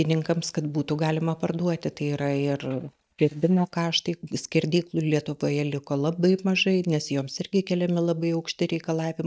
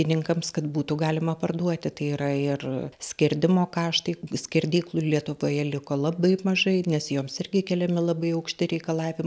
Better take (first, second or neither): second